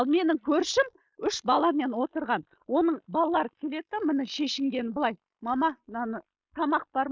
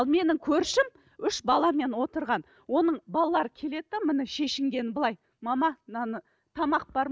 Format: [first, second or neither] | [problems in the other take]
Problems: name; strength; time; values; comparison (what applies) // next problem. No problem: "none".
second | noise reduction (neural mask model Resemble Enhance denoiser)